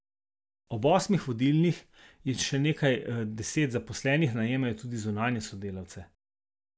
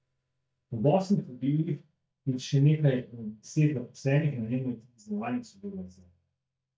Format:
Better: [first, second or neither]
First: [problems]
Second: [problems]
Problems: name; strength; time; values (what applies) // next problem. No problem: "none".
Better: first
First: none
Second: noise reduction (neural mask model DeepFilterNet 3)